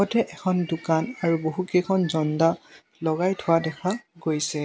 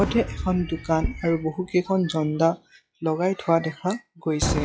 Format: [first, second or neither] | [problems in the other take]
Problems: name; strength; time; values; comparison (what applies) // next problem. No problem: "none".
first | noise reduction (classical method log-MMSE)